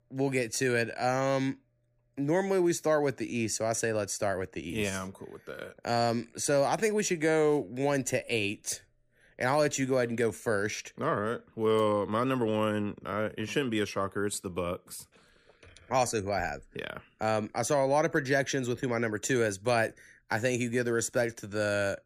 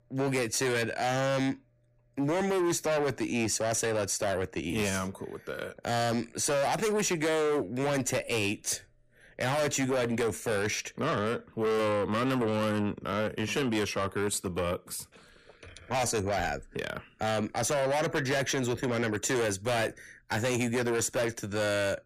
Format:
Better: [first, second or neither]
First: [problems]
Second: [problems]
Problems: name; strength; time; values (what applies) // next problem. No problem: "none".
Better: first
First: none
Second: distortion; heavy; 7 dB below the speech